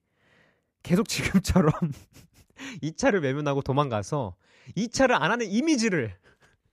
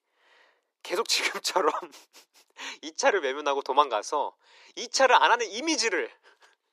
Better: first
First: none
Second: thin; very; fading below 350 Hz

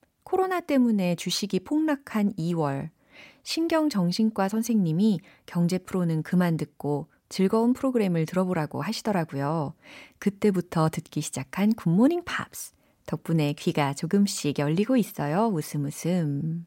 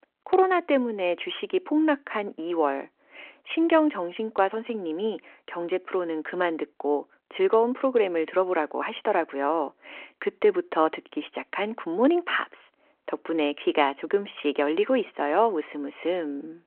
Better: first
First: none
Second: phone-call audio

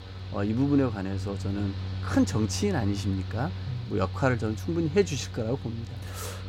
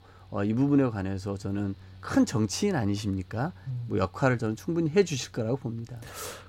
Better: second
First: machinery noise; loud; throughout; 7 dB below the speech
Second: machinery noise; faint; throughout; 25 dB below the speech

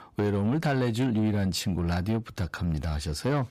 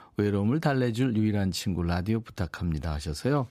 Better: second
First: distortion; slight; 10 dB below the speech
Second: none

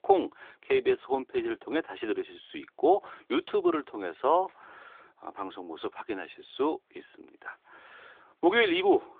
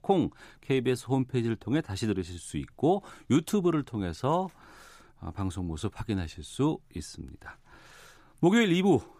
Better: second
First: phone-call audio; nothing above 3.5 kHz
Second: none

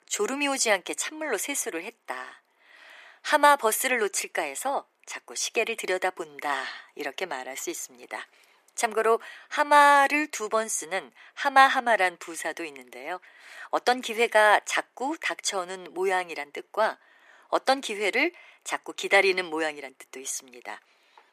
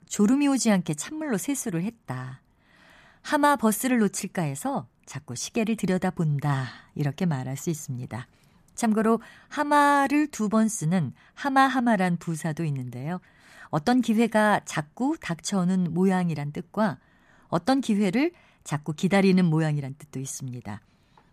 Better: second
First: thin; very; fading below 400 Hz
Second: none

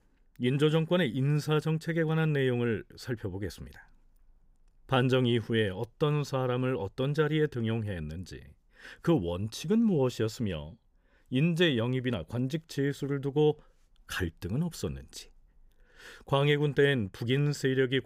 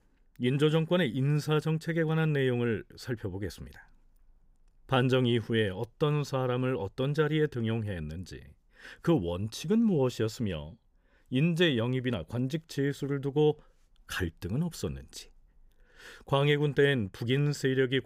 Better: neither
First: none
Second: none

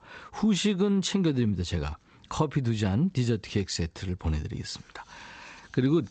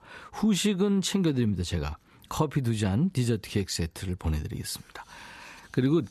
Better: second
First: garbled, watery; slightly; nothing above 8 kHz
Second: none

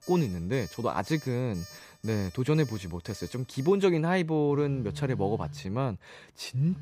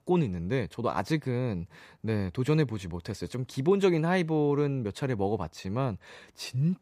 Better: second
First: alarms or sirens; noticeable; throughout; 15 dB below the speech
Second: none

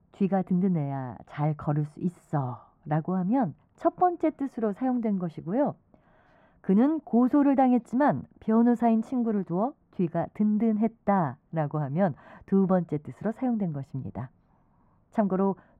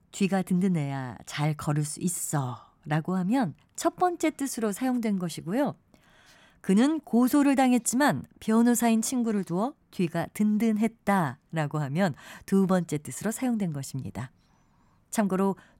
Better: second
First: muffled; very; fading above 3 kHz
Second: none

